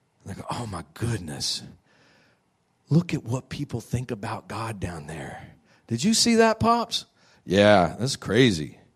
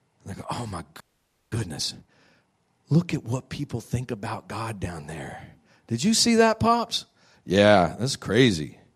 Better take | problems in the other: first | audio freezing; at 1 s for 0.5 s

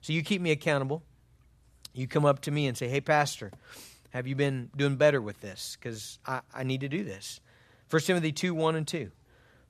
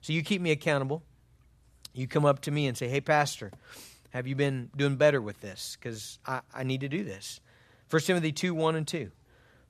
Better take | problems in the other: neither | none

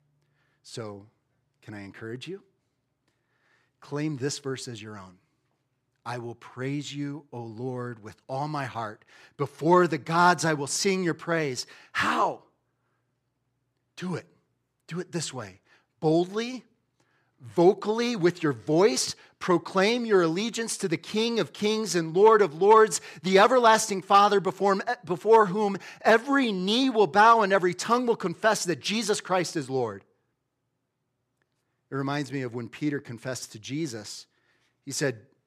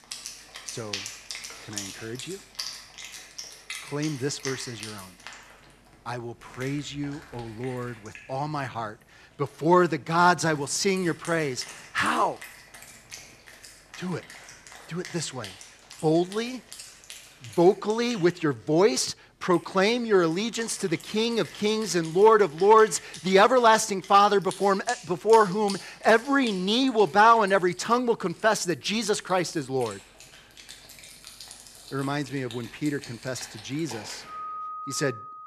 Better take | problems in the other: first | background music; noticeable; throughout; 15 dB below the speech

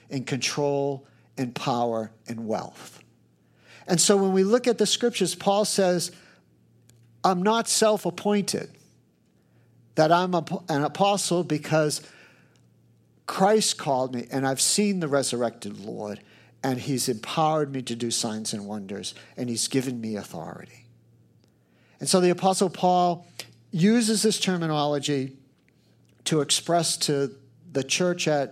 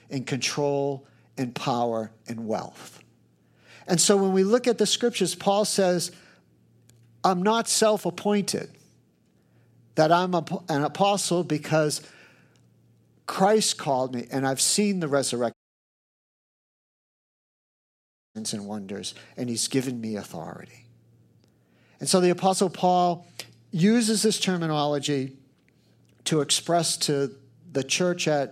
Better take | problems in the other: first | audio cutting out; at 16 s for 3 s

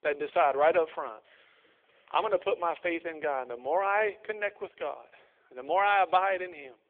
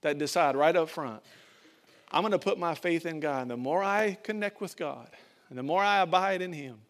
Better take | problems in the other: second | phone-call audio; poor line; nothing above 3.5 kHz

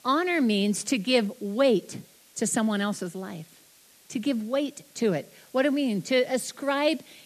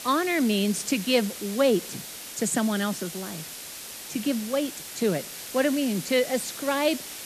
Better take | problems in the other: first | hiss; loud; throughout; 10 dB below the speech; faint in the first

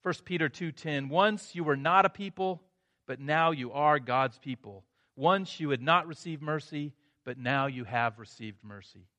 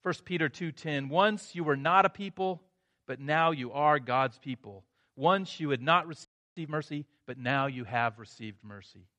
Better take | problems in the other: first | audio freezing; at 6.5 s

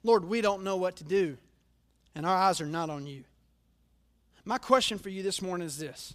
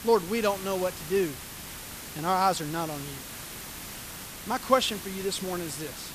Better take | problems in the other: first | hiss; loud; throughout; 10 dB below the speech

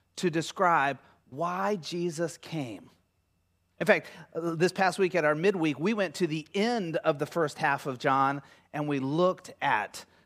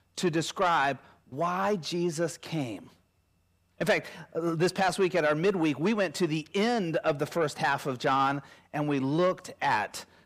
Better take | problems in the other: first | distortion; slight; 10 dB below the speech

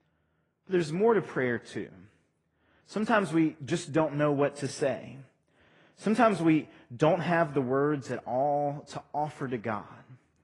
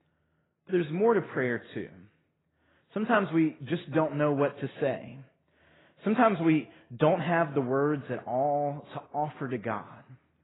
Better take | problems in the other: first | garbled, watery; badly; nothing above 4 kHz; slightly in the first

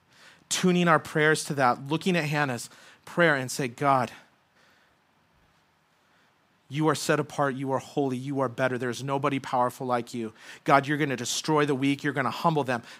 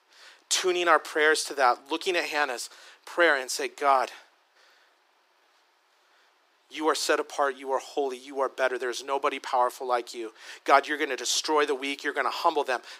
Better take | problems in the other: first | thin; very; fading below 350 Hz

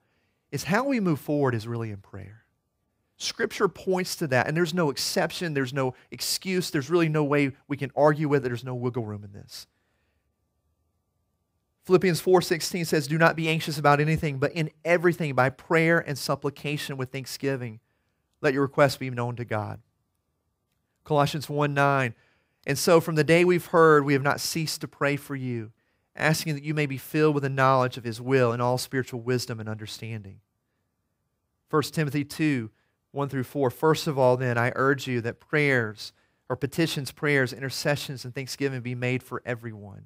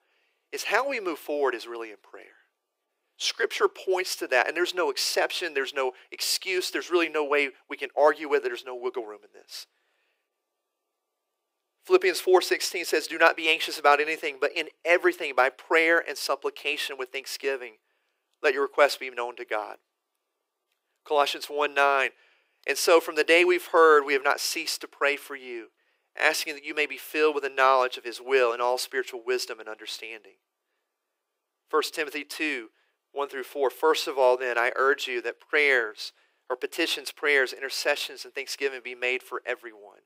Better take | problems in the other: first | thin; very; fading below 350 Hz

